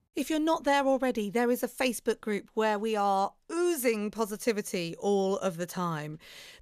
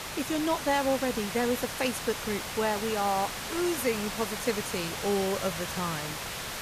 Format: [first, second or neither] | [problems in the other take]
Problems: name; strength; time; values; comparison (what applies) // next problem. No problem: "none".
first | hiss; loud; throughout; 4 dB below the speech